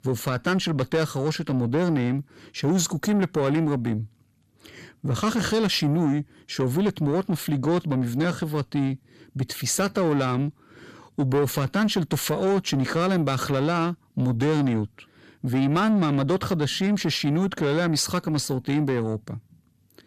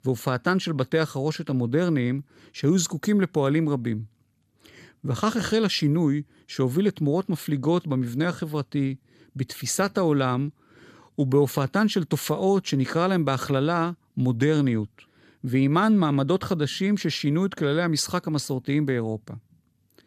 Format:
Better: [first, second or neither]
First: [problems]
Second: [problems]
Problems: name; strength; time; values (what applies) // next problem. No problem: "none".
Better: second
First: distortion; slight; 10 dB below the speech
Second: none